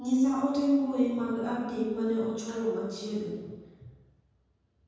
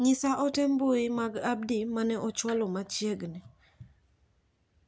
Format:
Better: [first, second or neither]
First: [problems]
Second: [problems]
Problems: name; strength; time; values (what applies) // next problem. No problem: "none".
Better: second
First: room echo; dies away in 1.2 s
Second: none